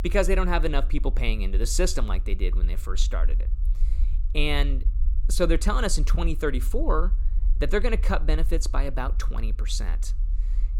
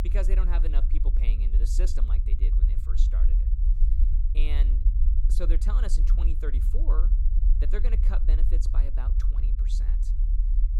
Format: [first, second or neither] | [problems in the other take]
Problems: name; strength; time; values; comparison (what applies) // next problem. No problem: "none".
first | low rumble; loud; throughout; 6 dB below the speech; faint in the first